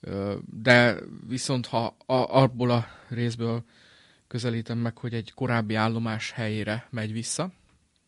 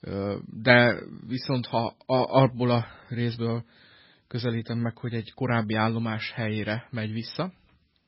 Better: first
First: garbled, watery; slightly; nothing above 10.5 kHz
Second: garbled, watery; badly; nothing above 5.5 kHz

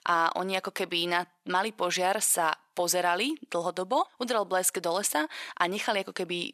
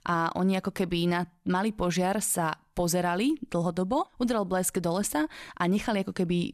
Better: second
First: thin; somewhat; fading below 500 Hz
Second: none

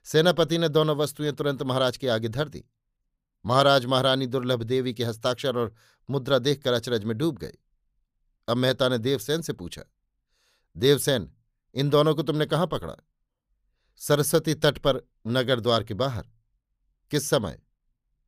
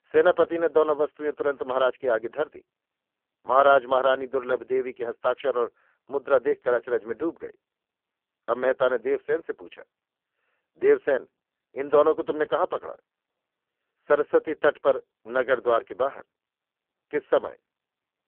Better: first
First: none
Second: phone-call audio; poor line; nothing above 3.5 kHz

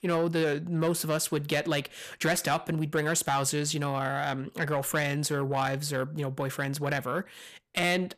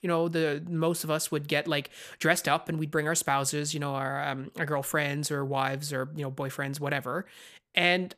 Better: second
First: distortion; slight; 10 dB below the speech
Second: none

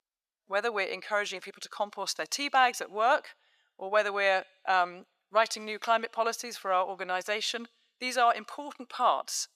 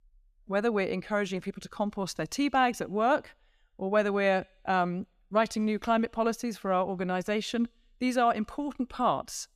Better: second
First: thin; very; fading below 700 Hz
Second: none

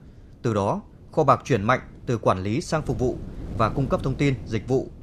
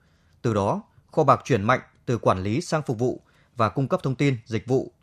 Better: second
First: wind noise on the microphone; occasional gusts; 20 dB below the speech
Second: none

